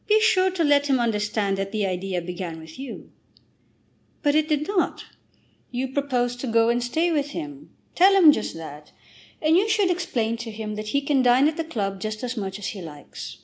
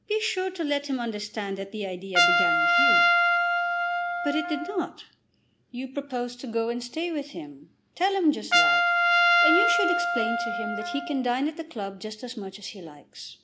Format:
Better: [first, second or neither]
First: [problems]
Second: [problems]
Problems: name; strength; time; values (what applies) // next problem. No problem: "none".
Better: first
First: none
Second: background sound (Trumpet); 4 dB above the speech